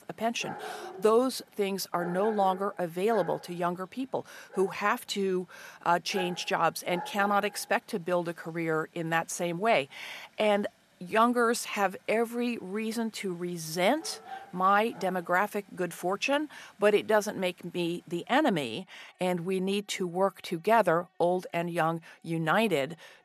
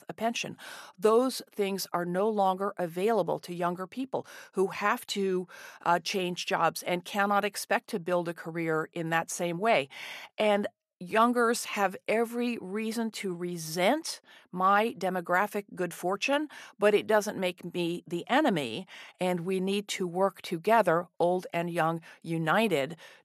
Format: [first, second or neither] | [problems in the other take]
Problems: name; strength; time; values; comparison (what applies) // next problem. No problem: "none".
second | animal sounds; noticeable; throughout; 15 dB below the speech